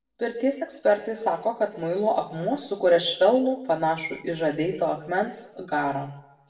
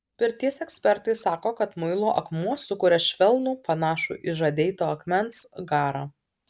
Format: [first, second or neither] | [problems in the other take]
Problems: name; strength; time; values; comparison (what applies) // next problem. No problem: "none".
second | room echo; dies away in 0.6 s